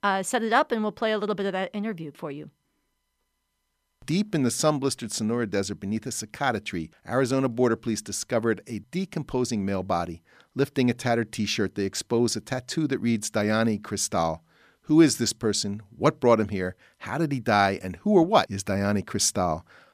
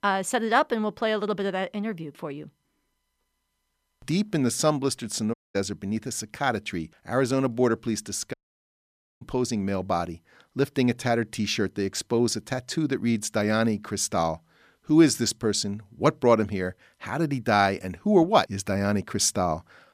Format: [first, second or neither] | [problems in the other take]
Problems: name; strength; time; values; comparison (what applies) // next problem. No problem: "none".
first | audio cutting out; at 5.5 s and at 8.5 s for 1 s